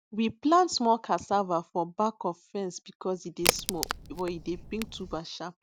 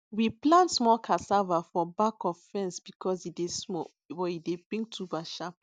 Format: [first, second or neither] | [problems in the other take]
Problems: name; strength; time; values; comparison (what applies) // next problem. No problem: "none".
second | background sound (Crack); 3 dB below the speech